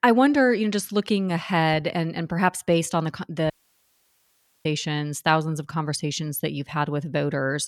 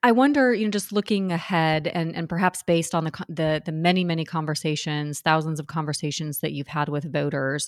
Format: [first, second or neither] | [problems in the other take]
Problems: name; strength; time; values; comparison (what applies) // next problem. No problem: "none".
second | audio cutting out; at 3.5 s for 1 s